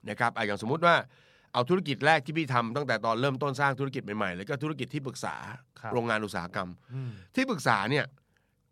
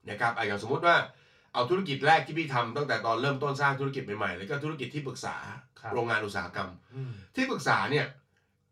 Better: first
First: none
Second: room echo; very slight; dies away in 0.3 s // off-mic speech; far

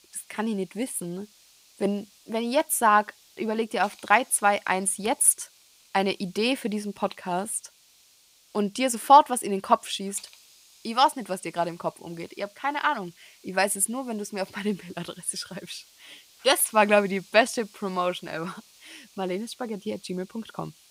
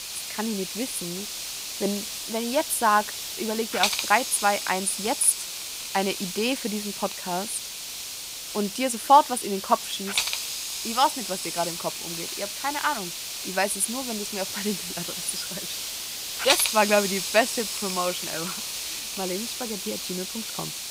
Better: first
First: hiss; faint; throughout; 25 dB below the speech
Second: hiss; loud; throughout; 3 dB below the speech

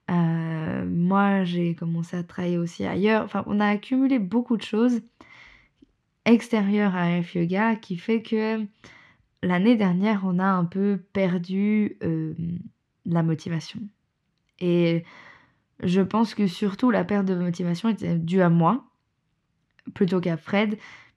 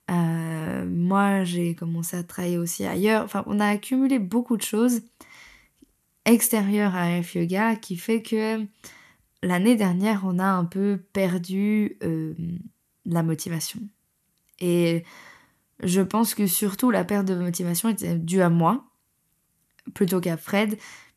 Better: second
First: muffled; slightly; fading above 4 kHz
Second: none

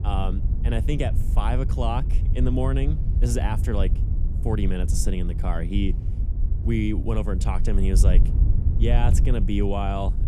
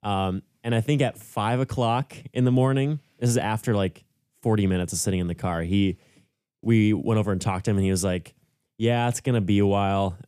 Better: second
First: wind noise on the microphone; heavy; 10 dB below the speech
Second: none

